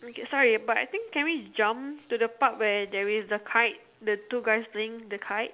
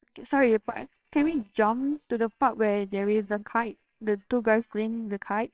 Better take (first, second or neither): first